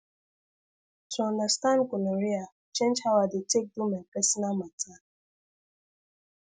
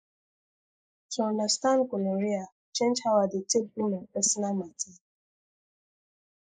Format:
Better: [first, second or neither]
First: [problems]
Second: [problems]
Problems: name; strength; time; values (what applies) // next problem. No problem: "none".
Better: first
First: none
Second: noise reduction (neural mask model Resemble Enhance denoiser)